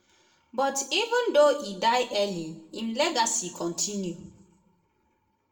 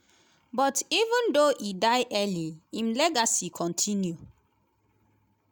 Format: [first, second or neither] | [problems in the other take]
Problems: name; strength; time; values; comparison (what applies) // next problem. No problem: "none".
second | room echo; dies away in 0.6 s